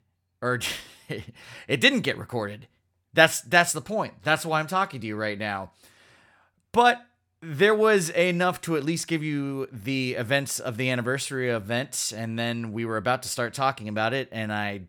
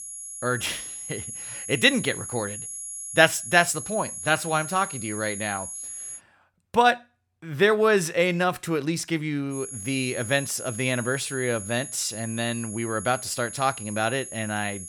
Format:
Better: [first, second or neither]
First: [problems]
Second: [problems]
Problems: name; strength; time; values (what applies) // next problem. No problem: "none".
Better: first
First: none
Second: high-pitched whine; loud; until 6 s and from 9.5 s on; 11 kHz, 9 dB below the speech